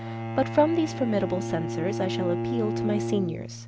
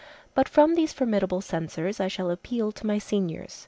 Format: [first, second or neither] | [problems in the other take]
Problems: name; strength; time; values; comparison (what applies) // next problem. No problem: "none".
second | background sound (Bowed string instrument); 3 dB below the speech